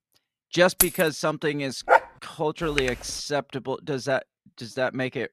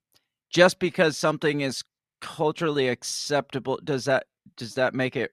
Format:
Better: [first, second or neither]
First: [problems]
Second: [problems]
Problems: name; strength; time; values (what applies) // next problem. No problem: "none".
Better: second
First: jangling keys; loud; at 1 s; peak 4 dB above the speech // dog barking; loud; at 2 s; peak 6 dB above the speech // keyboard typing; noticeable; at 2.5 s; peak 3 dB below the speech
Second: none